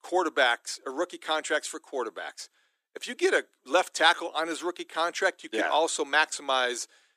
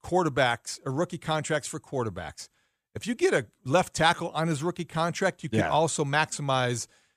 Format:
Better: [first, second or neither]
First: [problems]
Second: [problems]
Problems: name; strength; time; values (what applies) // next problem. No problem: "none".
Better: second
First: thin; very; fading below 300 Hz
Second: none